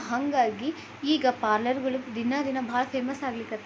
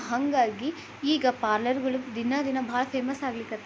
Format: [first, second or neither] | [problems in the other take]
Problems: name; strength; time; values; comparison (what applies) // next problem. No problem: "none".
second | room echo; dies away in 2.1 s